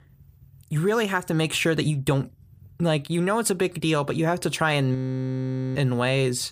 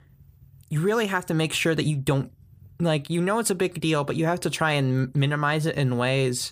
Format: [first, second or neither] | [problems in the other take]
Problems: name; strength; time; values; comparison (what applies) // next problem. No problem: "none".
second | audio freezing; at 5 s for 1 s